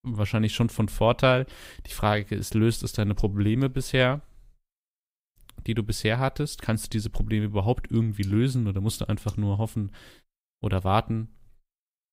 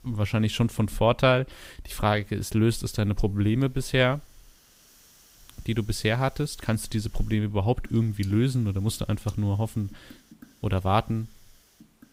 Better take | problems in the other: first | hiss; faint; throughout; 30 dB below the speech

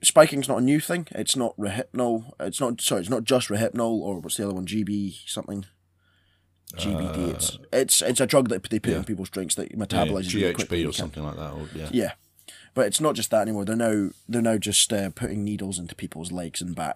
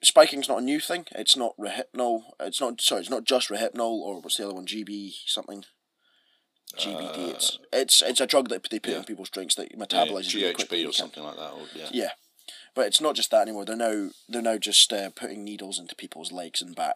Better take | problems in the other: first | thin; somewhat; fading below 250 Hz

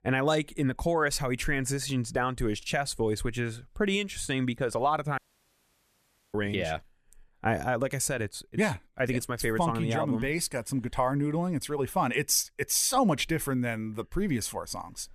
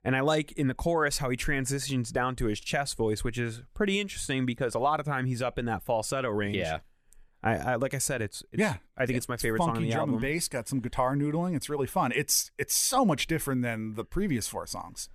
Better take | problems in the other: second | audio cutting out; at 5 s for 1 s

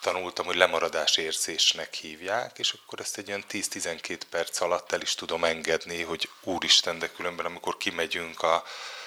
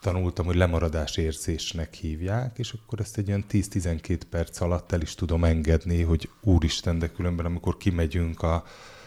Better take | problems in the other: second | thin; very; fading below 700 Hz

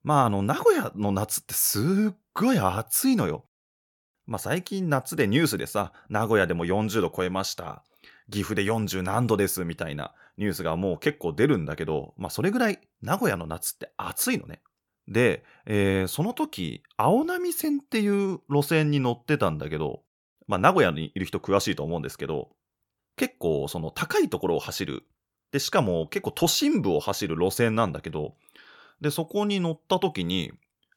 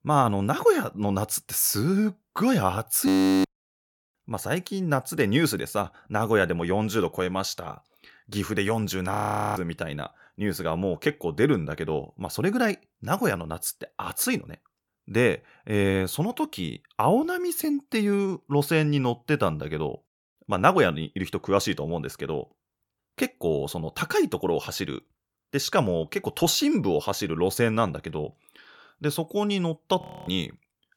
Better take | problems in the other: first | audio freezing; at 3 s, at 9 s and at 30 s

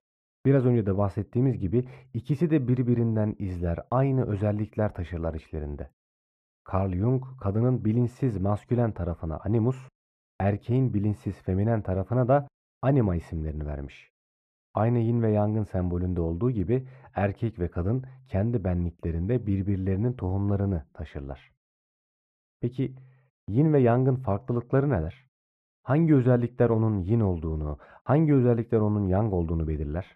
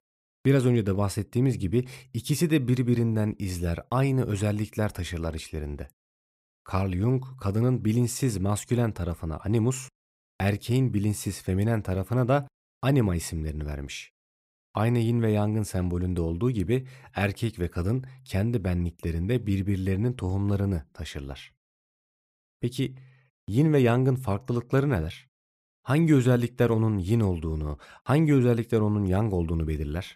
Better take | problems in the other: second | muffled; very; fading above 3 kHz

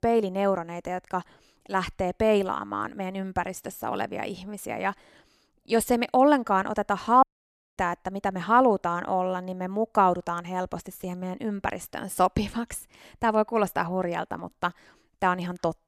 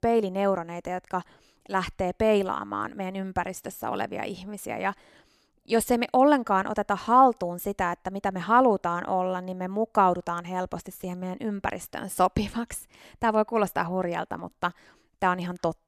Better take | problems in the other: second | audio cutting out; at 7 s for 0.5 s

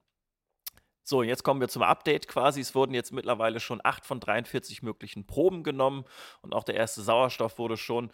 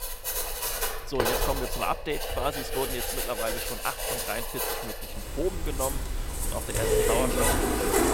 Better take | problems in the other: first | household noises; very loud; throughout; 4 dB above the speech

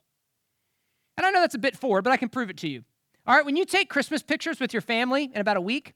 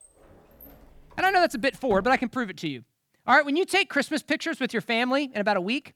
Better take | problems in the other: first | door banging; faint; until 2 s; peak 15 dB below the speech

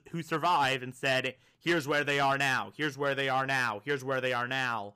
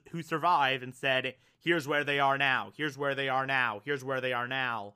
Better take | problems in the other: second | distortion; slight; 5% of the sound clipped

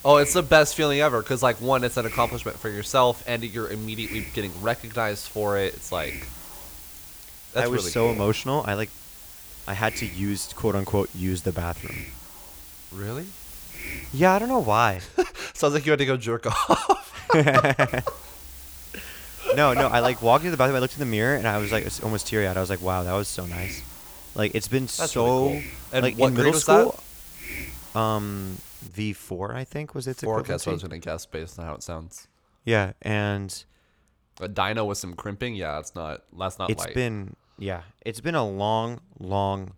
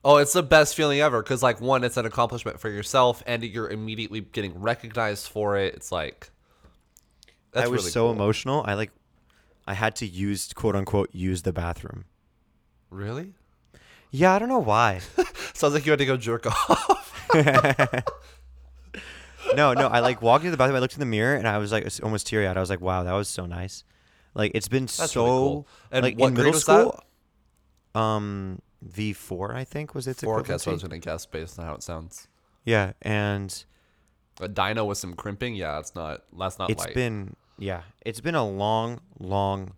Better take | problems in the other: second | hiss; noticeable; until 15 s and from 18 to 29 s; 15 dB below the speech

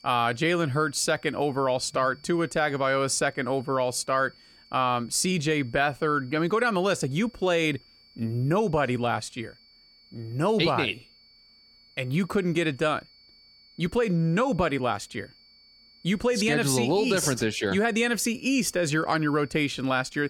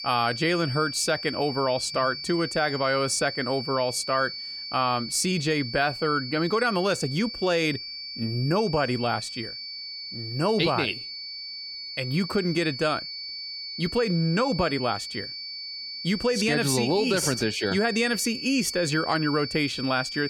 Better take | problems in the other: first | high-pitched whine; loud; throughout; 4.5 kHz, 8 dB below the speech; faint in the first

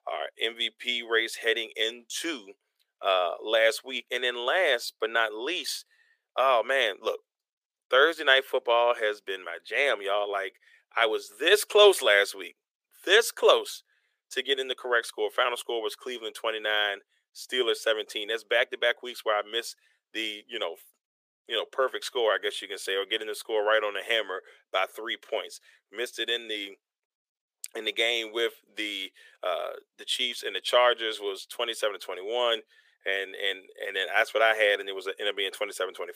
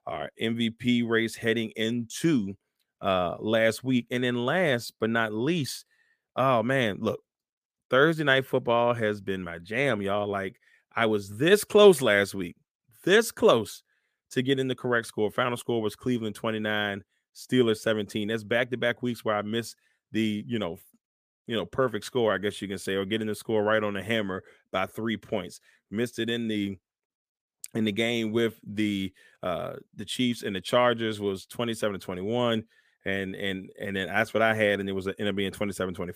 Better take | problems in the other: second | thin; very; fading below 400 Hz

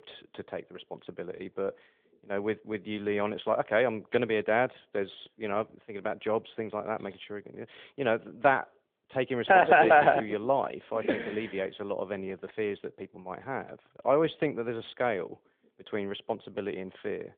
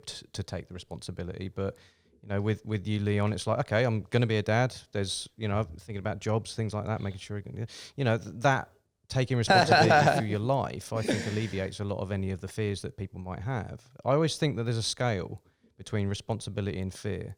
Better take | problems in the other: second | phone-call audio

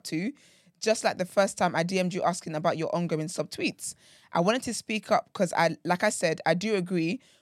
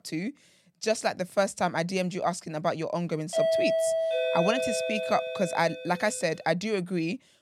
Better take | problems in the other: first | doorbell; loud; from 3.5 to 6 s; peak 5 dB above the speech

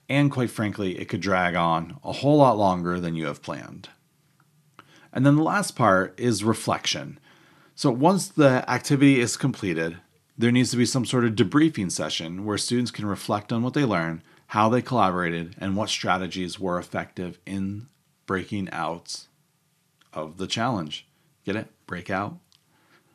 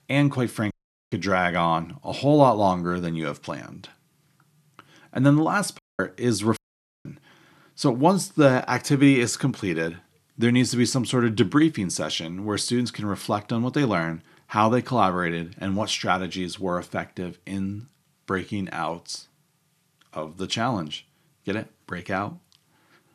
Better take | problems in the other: first | audio cutting out; at 0.5 s, at 6 s and at 6.5 s

